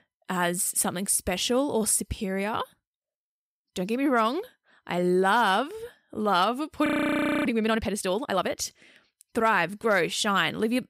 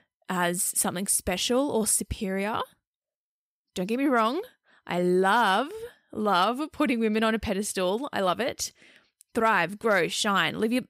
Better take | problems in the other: second | audio freezing; at 7 s for 0.5 s

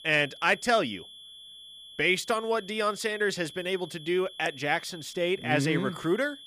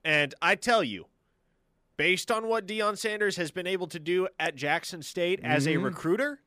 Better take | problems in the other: second | high-pitched whine; noticeable; throughout; 3.5 kHz, 15 dB below the speech

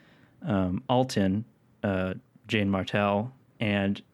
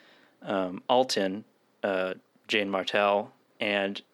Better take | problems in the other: first | thin; somewhat; fading below 400 Hz

